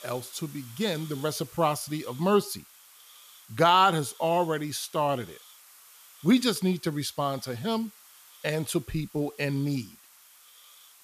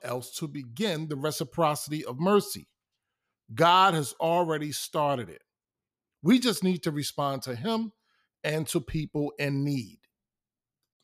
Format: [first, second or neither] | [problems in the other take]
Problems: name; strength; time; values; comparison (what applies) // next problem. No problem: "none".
second | hiss; faint; throughout; 20 dB below the speech